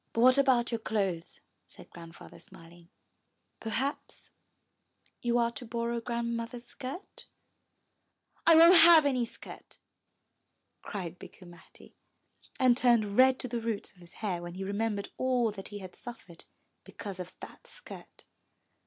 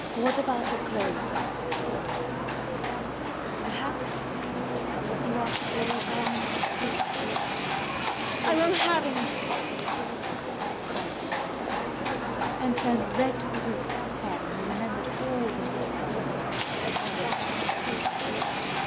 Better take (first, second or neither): first